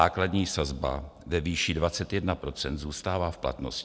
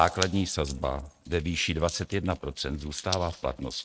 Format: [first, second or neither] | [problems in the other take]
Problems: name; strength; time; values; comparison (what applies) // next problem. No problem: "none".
first | noise reduction (neural mask model RNNoise)